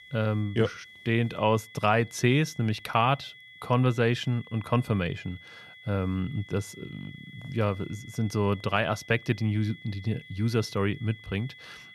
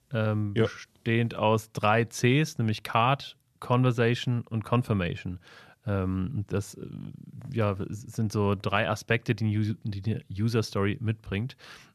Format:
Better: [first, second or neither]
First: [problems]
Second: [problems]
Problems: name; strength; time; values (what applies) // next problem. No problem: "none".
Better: second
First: high-pitched whine; noticeable; throughout; 2 kHz, 20 dB below the speech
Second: none